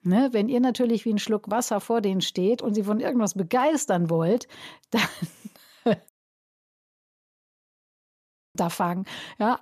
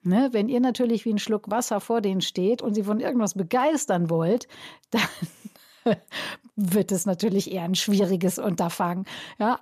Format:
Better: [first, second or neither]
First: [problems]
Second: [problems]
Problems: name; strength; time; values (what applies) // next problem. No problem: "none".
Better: second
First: audio cutting out; at 6 s for 2.5 s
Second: none